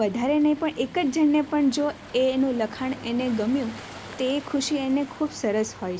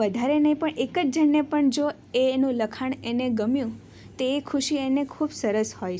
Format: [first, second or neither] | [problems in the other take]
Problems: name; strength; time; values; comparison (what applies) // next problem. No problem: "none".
second | background sound (Waves, surf); 18 dB below the speech